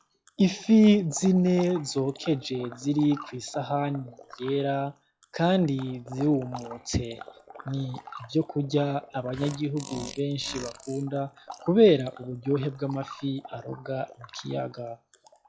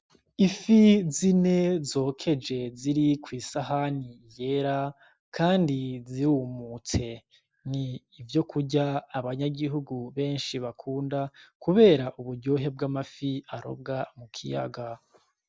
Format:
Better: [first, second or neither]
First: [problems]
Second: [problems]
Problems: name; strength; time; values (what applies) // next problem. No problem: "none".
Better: second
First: noise reduction (classical method log-MMSE)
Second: none